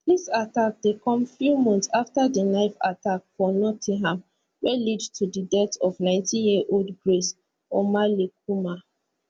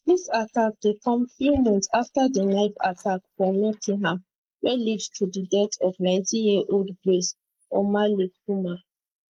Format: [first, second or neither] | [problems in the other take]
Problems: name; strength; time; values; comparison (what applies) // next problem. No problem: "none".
first | noise reduction (neural mask model Resemble Enhance denoiser)